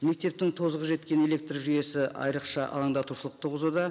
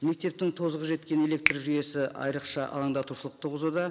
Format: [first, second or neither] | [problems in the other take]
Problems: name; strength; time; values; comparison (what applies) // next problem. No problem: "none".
first | background sound (Finger snapping); 6 dB below the speech